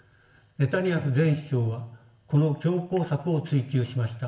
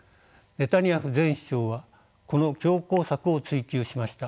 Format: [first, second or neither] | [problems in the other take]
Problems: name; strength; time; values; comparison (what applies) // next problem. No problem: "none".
second | room echo; dies away in 0.7 s